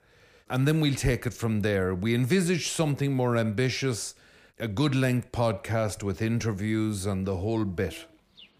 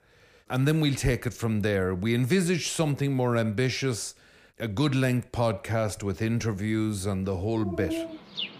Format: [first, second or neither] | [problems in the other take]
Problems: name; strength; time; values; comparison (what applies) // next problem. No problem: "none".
first | animal sounds; loud; from 6.5 s on; 8 dB below the speech; faint in the first